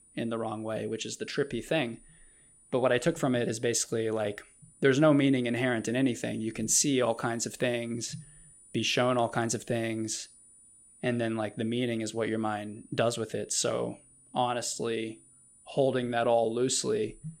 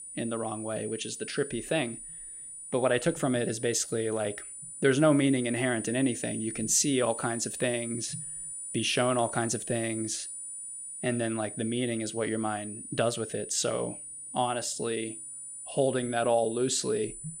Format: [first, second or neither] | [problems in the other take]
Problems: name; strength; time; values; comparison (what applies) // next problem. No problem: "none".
first | high-pitched whine; loud; throughout; 9.5 kHz, 9 dB below the speech; faint in the first